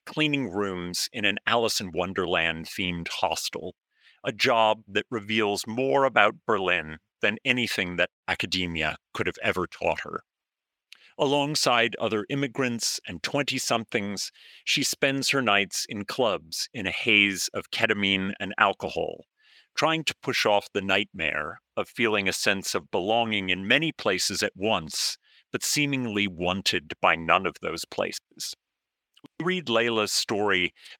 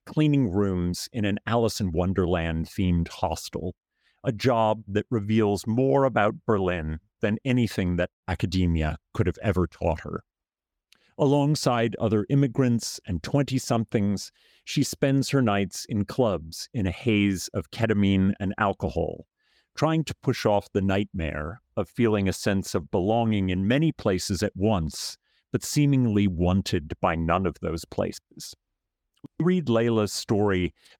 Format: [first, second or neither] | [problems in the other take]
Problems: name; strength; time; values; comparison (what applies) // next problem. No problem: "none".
second | thin; somewhat; fading below 750 Hz